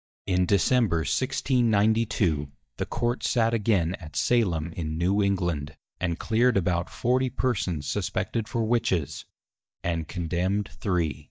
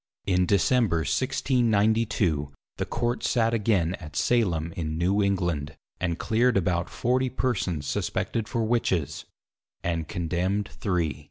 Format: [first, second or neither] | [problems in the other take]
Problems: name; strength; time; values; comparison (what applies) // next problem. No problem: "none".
second | noise reduction (neural mask model DeepFilterNet 3)